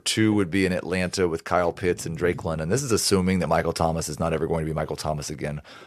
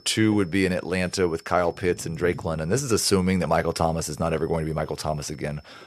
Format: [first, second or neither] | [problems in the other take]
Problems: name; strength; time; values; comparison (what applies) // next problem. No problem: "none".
first | high-pitched whine; faint; throughout; 5.5 kHz, 30 dB below the speech